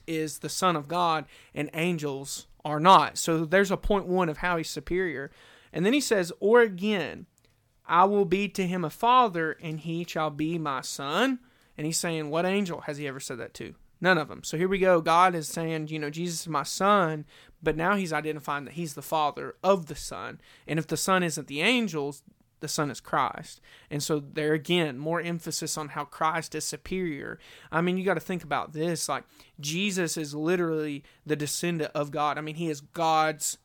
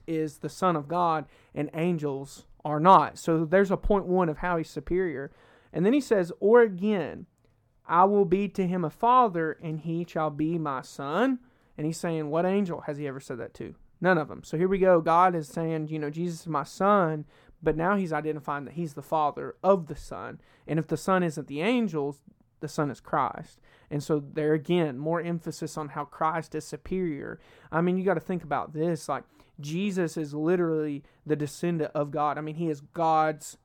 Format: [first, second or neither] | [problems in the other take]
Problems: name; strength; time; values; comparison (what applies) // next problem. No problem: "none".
first | muffled; slightly; fading above 2 kHz